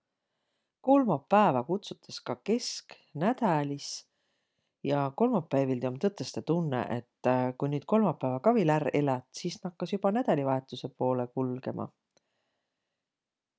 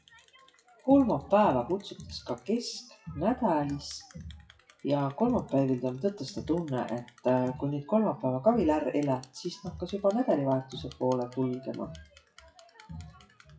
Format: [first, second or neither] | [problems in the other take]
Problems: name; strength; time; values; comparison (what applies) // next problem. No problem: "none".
first | noise reduction (classical method WPE with log-MMSE)